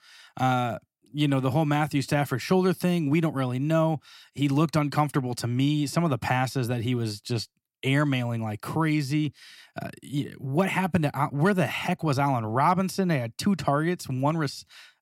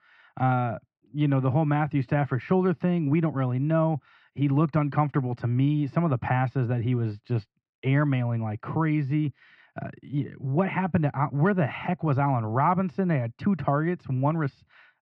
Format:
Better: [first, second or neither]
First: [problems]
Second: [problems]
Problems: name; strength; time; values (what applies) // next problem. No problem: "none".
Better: first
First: none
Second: muffled; very; fading above 2 kHz